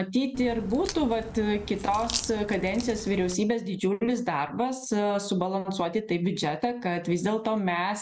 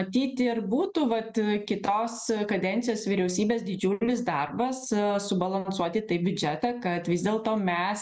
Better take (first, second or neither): second